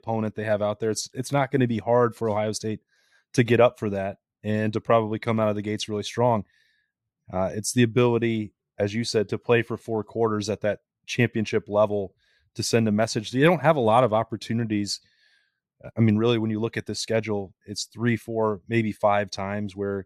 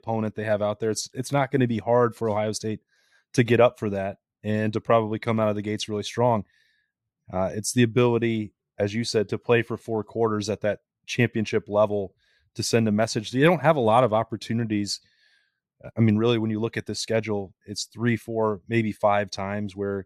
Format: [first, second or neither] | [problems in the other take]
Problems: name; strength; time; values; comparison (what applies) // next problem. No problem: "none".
neither | none